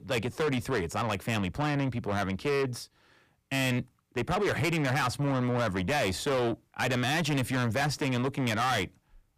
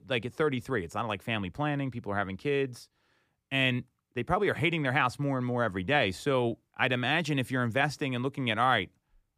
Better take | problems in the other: second | distortion; heavy; 6 dB below the speech

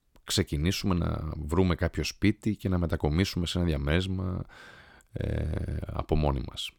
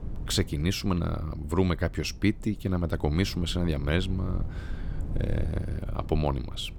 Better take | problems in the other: first | wind noise on the microphone; occasional gusts; 20 dB below the speech

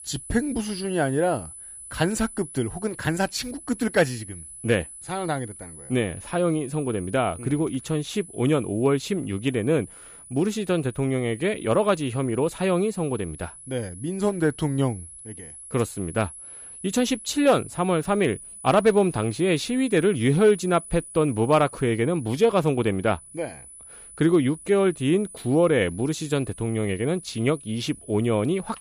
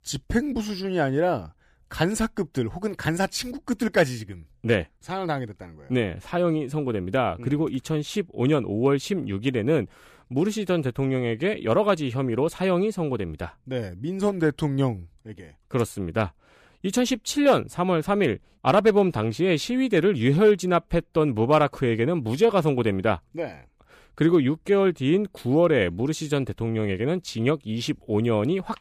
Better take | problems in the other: second | high-pitched whine; noticeable; throughout; 10 kHz, 15 dB below the speech

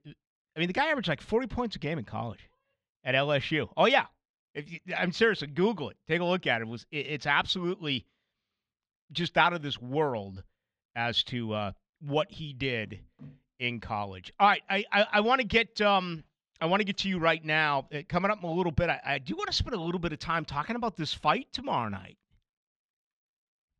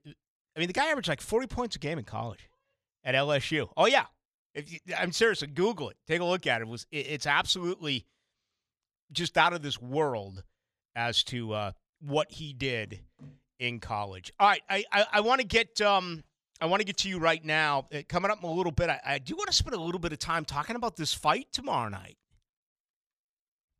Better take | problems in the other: second | muffled; very slightly; fading above 3 kHz

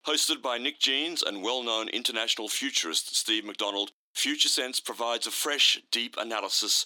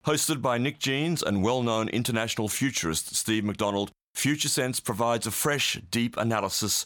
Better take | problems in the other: second | thin; somewhat; fading below 300 Hz

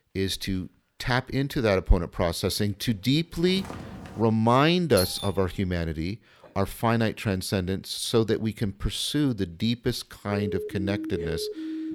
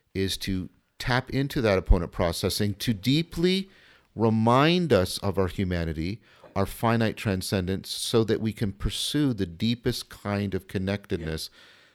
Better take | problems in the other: second | footsteps; faint; at 3.5 s; peak 15 dB below the speech // doorbell; noticeable; at 5 s; peak 4 dB below the speech // siren; noticeable; from 10 s on; peak 7 dB below the speech

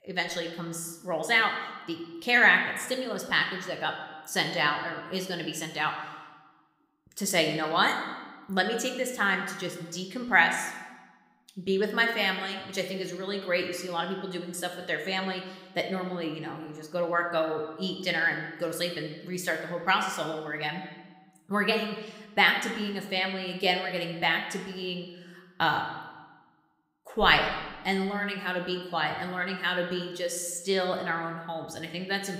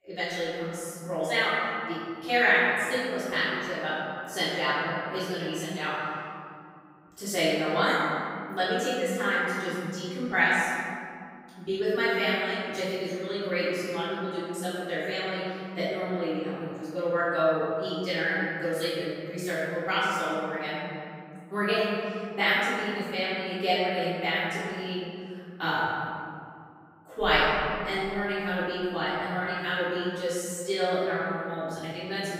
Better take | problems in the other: first | room echo; strong; dies away in 2.4 s; slight in the first // off-mic speech; far

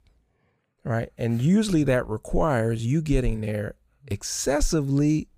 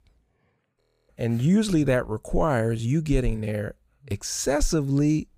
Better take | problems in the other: first | audio freezing; at 1 s

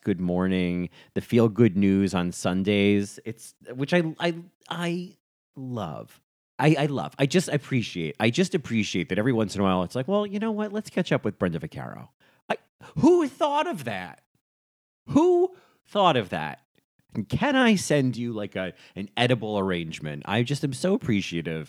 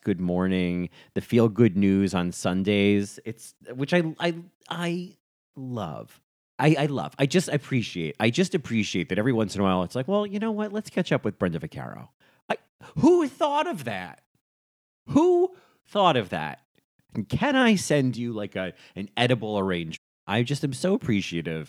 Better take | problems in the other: first | audio cutting out; at 20 s

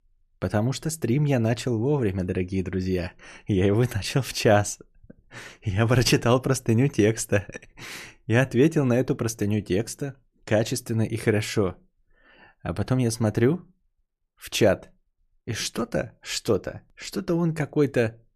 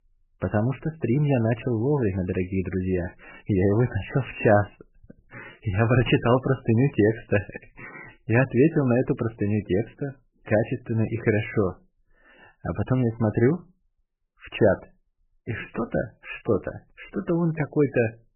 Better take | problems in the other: first | garbled, watery; badly; nothing above 3 kHz

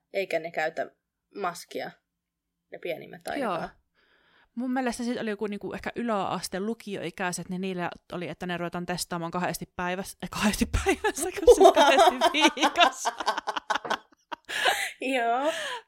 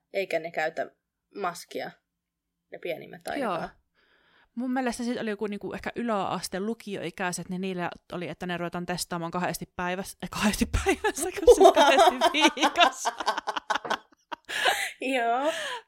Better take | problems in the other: neither | none

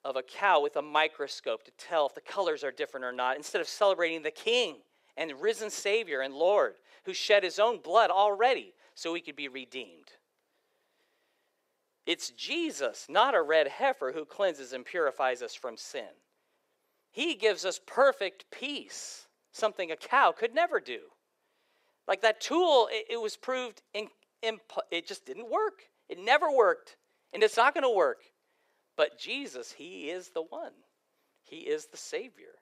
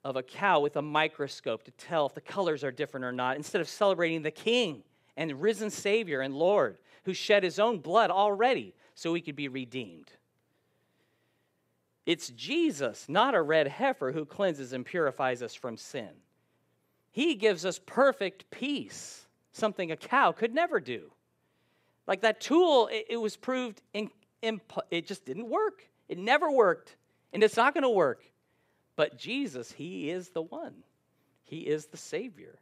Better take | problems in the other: second | thin; somewhat; fading below 500 Hz

